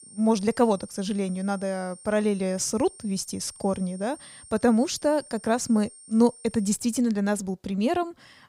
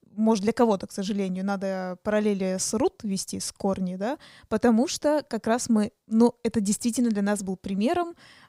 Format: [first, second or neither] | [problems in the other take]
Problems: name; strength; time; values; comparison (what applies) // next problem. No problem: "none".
second | high-pitched whine; noticeable; until 6.5 s; 8.5 kHz, 20 dB below the speech